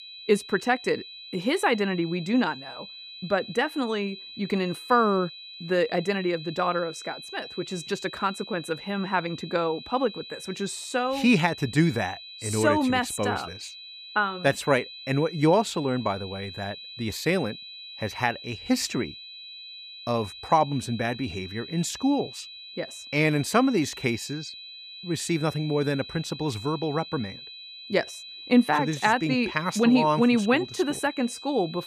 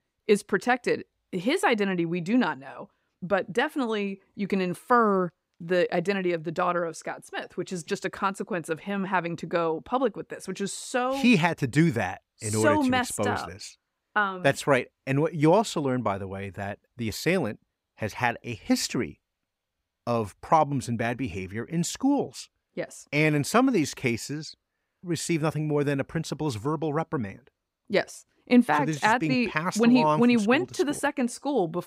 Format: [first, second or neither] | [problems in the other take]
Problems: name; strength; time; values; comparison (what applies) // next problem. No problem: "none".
second | high-pitched whine; noticeable; throughout; 4 kHz, 15 dB below the speech